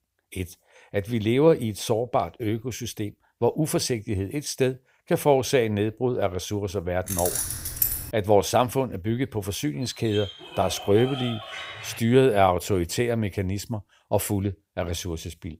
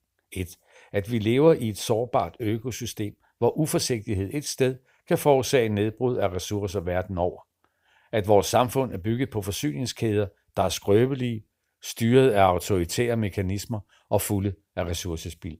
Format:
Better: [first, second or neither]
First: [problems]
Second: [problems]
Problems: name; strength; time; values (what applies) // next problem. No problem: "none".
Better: second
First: jangling keys; loud; at 7 s; peak 1 dB above the speech // dog barking; noticeable; from 10 to 12 s; peak 8 dB below the speech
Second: none